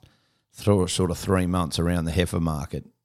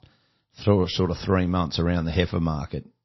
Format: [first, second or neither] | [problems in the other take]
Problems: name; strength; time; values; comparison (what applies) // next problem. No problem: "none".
first | garbled, watery; slightly; nothing above 5.5 kHz